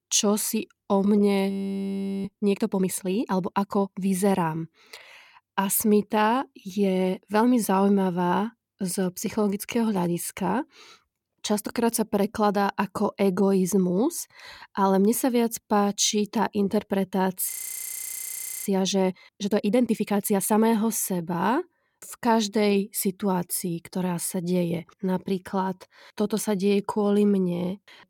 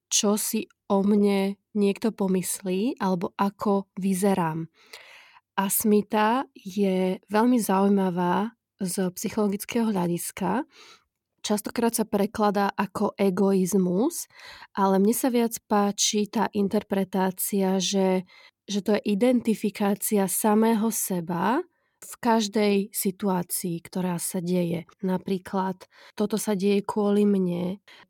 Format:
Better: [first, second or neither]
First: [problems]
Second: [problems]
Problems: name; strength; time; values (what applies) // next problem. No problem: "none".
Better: second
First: audio freezing; at 1.5 s for 0.5 s and at 18 s for 1 s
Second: none